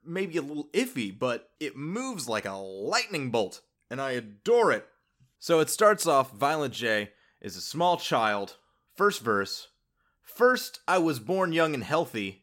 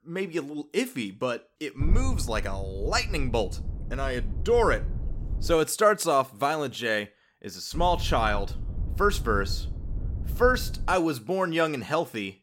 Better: first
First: none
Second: wind noise on the microphone; occasional gusts; from 2 to 5.5 s and from 7.5 to 11 s; 20 dB below the speech

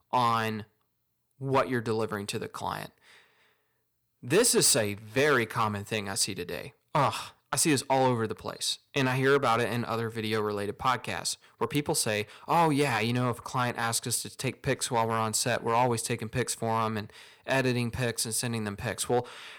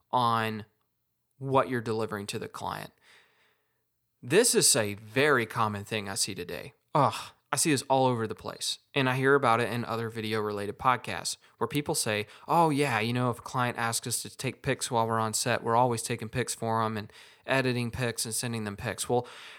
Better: second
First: distortion; slight; 2% of the sound clipped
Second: none

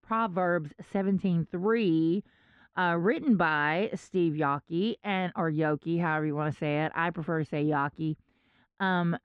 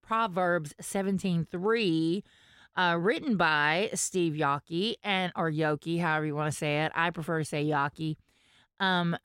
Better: second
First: muffled; very; fading above 2 kHz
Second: none

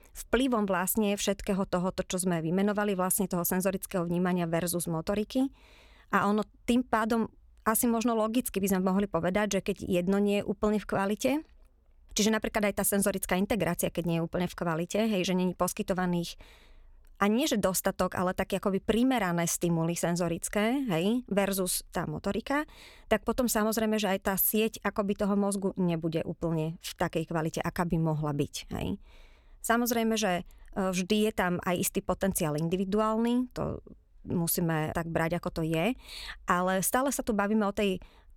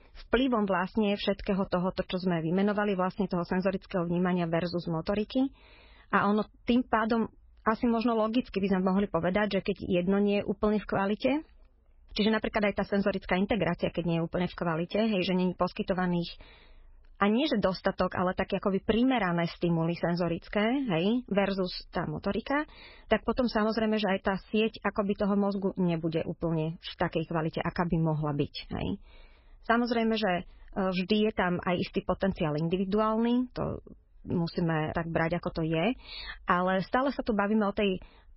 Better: first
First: none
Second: garbled, watery; badly; nothing above 5.5 kHz

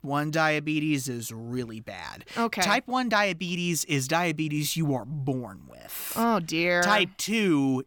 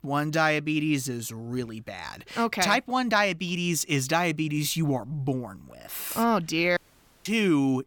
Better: first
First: none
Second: audio cutting out; at 7 s

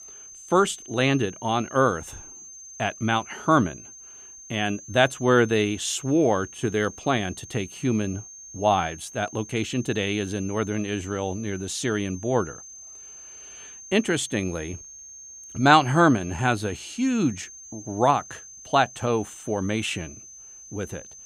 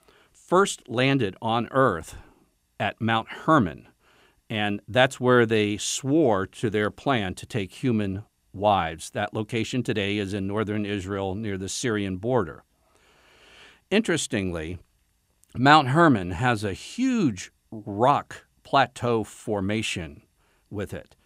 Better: second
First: high-pitched whine; noticeable; throughout; 6.5 kHz, 15 dB below the speech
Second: none

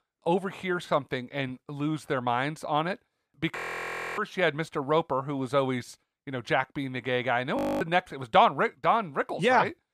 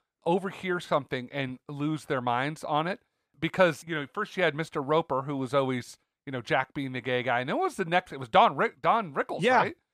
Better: second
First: audio freezing; at 3.5 s for 0.5 s and at 7.5 s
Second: none

